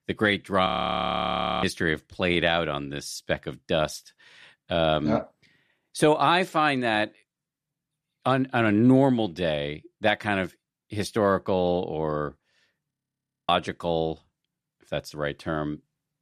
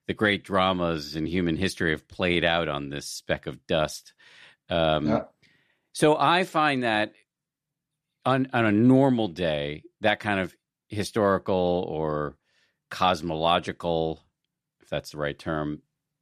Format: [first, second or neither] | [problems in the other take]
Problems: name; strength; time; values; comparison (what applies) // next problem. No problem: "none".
second | audio freezing; at 0.5 s for 1 s and at 13 s for 0.5 s